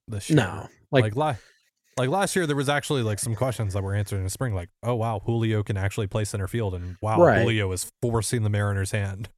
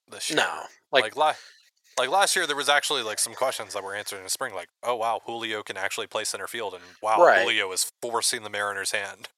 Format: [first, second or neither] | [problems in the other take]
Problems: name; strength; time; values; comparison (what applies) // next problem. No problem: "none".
first | thin; very; fading below 750 Hz